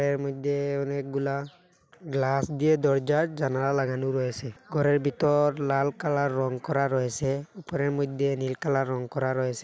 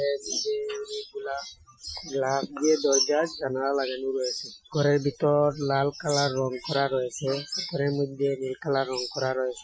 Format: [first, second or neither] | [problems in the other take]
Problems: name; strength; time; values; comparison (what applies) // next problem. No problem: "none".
first | noise reduction (classical method Wiener filter)